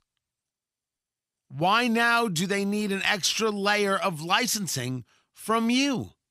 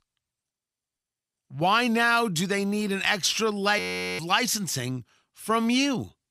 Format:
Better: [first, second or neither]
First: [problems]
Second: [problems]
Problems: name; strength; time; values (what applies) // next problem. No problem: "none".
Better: first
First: none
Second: audio freezing; at 4 s